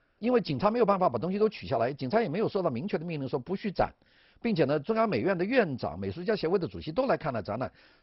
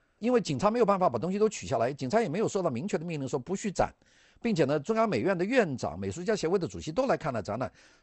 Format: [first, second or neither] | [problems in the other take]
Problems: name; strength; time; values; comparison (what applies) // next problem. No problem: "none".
second | garbled, watery; badly; nothing above 5.5 kHz; slightly in the second